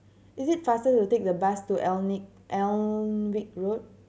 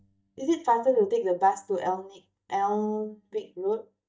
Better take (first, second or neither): first